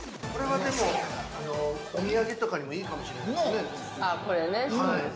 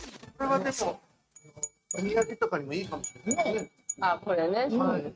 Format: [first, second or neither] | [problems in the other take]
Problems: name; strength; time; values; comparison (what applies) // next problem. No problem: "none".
first | noise reduction (neural mask model RNNoise)